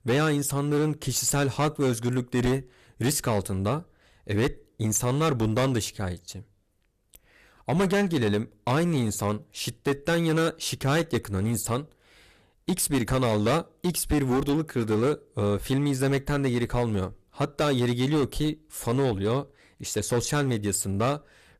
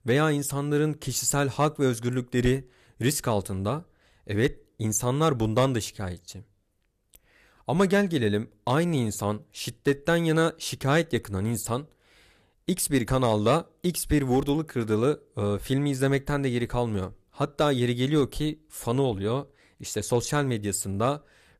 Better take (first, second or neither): second